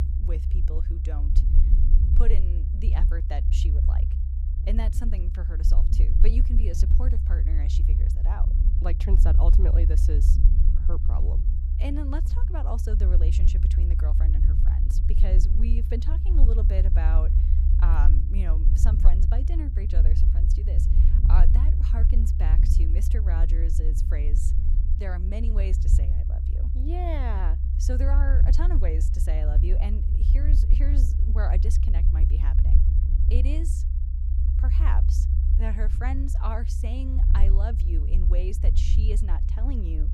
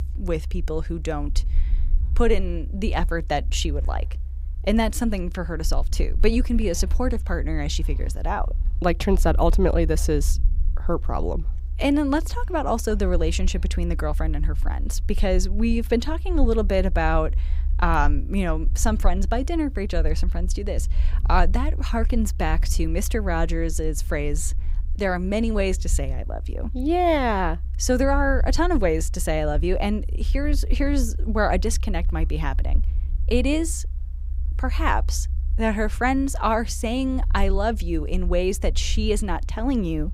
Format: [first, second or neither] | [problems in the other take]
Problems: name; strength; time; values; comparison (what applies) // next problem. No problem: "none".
second | low rumble; loud; throughout; 3 dB below the speech; faint in the second